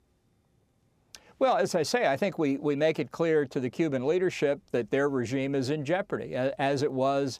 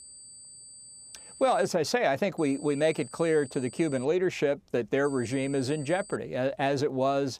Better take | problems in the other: first | high-pitched whine; noticeable; until 1.5 s, from 2.5 to 4 s and from 5 to 6 s; 8 kHz, 20 dB below the speech

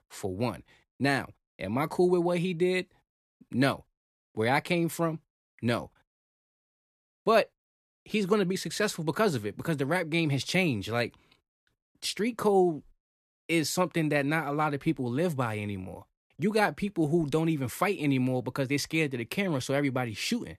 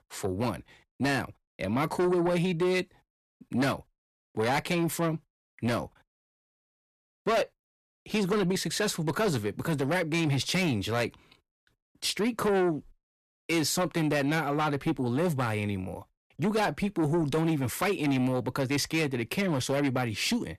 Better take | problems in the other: first | distortion; heavy; 8 dB below the speech

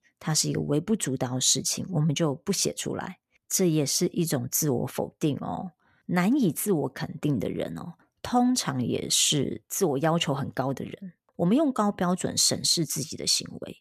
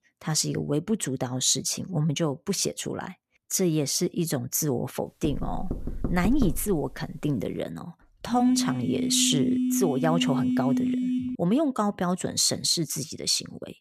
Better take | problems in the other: first | door banging; noticeable; from 5 to 7 s; peak 6 dB below the speech // phone ringing; loud; from 8.5 to 11 s; peak 1 dB above the speech

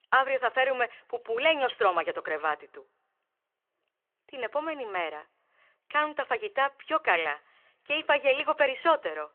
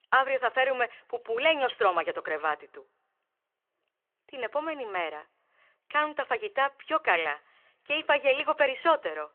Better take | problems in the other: neither | phone-call audio; the same in both

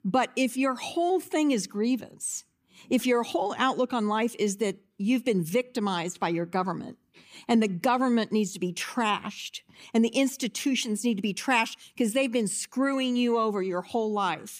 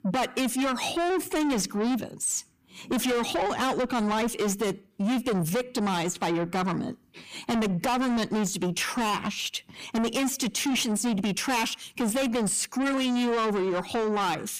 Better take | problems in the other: first | distortion; heavy; 6 dB below the speech

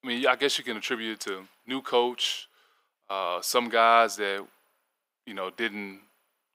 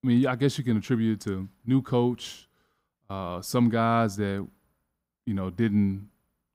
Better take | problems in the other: second | thin; very; fading below 500 Hz

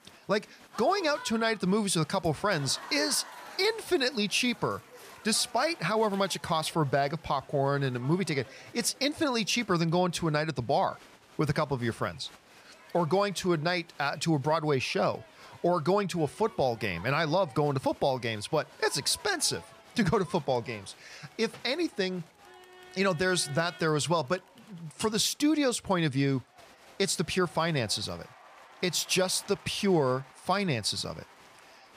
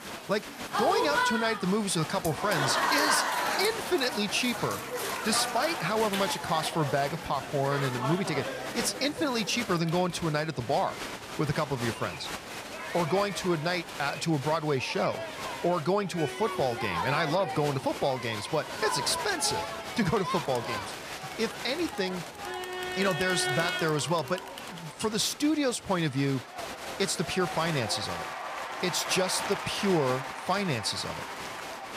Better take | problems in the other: first | crowd noise; loud; throughout; 5 dB below the speech; faint in the first

